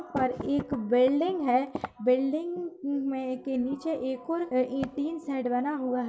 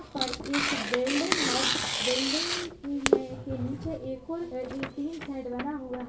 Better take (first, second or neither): first